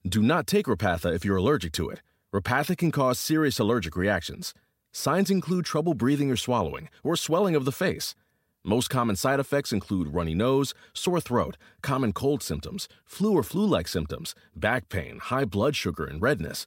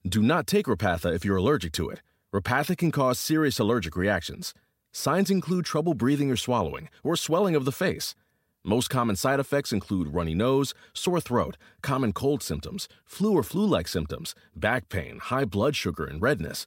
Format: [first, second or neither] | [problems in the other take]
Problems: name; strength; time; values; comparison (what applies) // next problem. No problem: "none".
neither | none